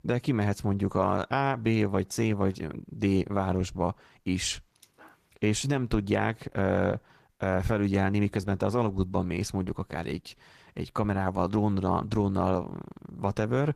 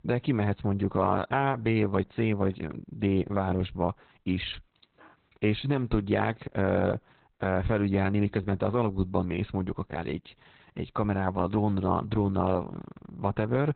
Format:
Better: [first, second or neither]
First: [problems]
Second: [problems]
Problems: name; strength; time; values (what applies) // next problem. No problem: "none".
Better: first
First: garbled, watery; slightly; nothing above 14.5 kHz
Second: garbled, watery; badly; nothing above 4 kHz